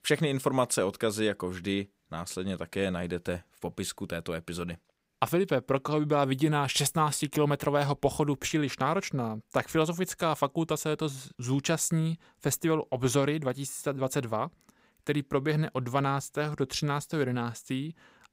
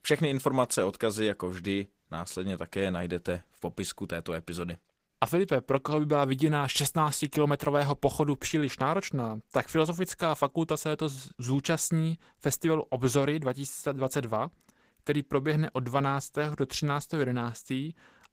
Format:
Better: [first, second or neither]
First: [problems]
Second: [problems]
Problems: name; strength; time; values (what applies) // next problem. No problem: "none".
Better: first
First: none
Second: garbled, watery; slightly; nothing above 15.5 kHz